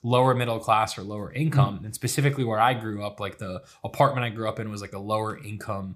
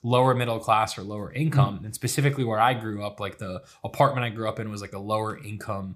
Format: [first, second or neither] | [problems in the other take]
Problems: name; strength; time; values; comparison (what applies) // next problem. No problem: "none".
neither | none